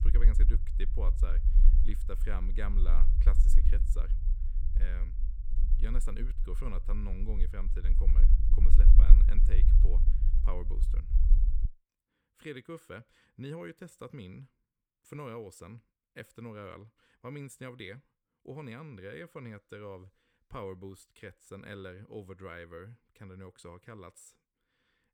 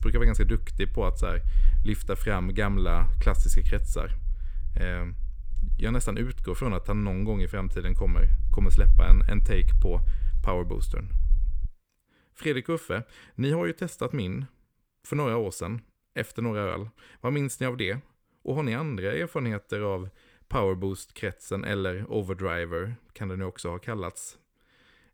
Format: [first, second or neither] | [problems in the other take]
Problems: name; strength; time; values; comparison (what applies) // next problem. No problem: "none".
second | low rumble; loud; until 12 s; 6 dB below the speech; faint in the second